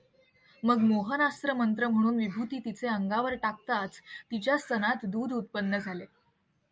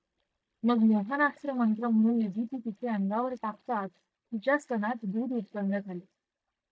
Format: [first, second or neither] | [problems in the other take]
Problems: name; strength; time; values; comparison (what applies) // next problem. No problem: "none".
first | noise reduction (neural mask model DeepFilterNet 3)